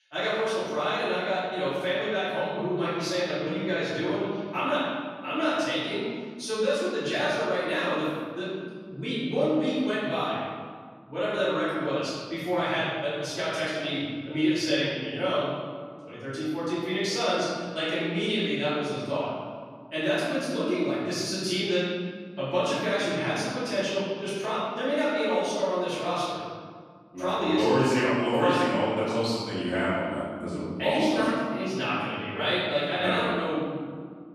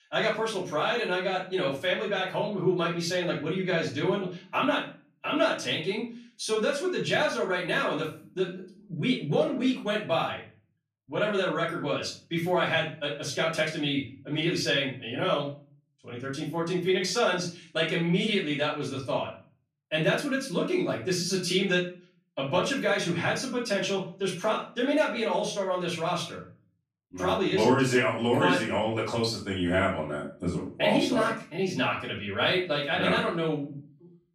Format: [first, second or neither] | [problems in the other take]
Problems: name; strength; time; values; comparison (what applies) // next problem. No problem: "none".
second | room echo; strong; dies away in 1.9 s; slight in the second // off-mic speech; far; far in the second